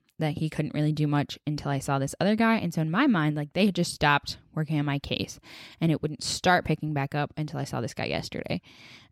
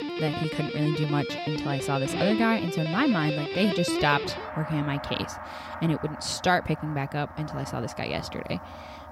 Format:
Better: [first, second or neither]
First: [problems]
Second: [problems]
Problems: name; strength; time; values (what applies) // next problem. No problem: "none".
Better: first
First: none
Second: background music; loud; throughout; 5 dB below the speech